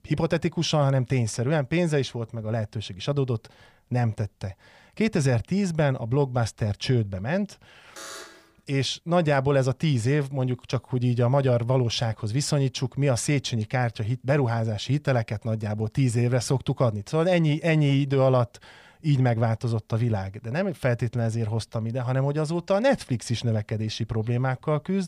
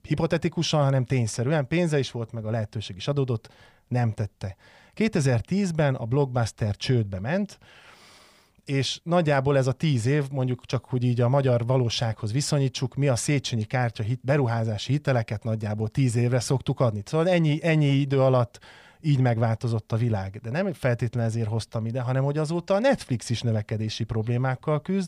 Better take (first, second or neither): second